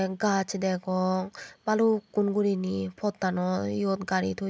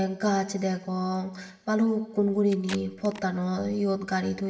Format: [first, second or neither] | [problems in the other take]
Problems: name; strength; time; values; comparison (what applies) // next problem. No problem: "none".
first | background sound (Packing tape, duct tape); 17 dB below the speech // room echo; dies away in 0.8 s